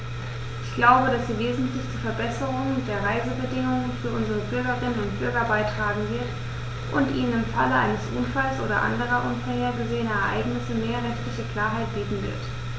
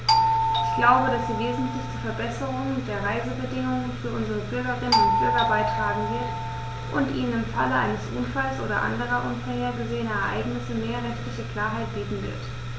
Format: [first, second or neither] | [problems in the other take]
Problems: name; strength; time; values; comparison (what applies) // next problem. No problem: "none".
first | background sound (Doorbell); 1 dB above the speech